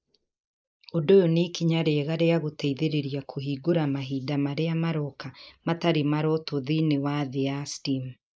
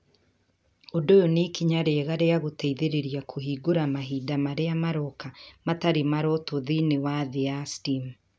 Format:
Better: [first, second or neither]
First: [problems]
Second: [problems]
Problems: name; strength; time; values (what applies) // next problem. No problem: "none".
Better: second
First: noise reduction (neural mask model Resemble Enhance denoiser)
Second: none